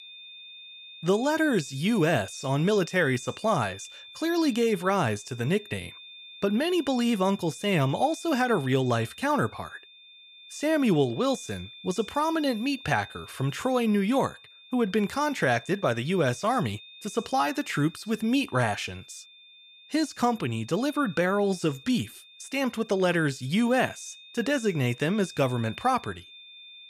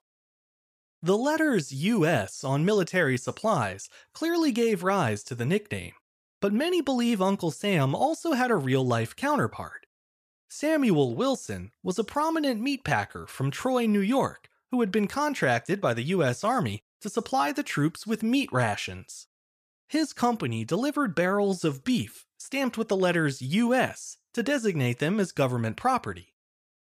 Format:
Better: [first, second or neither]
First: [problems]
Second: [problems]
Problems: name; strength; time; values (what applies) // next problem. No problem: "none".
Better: second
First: high-pitched whine; noticeable; throughout; 3.5 kHz, 20 dB below the speech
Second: none